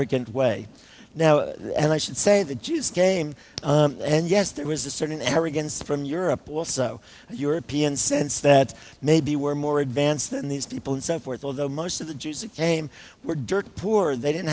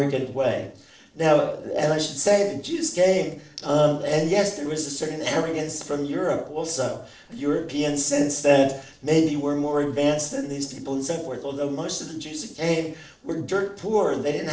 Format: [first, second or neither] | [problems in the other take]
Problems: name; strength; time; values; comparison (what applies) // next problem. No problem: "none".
first | noise reduction (neural separator model SepFormer DNS4)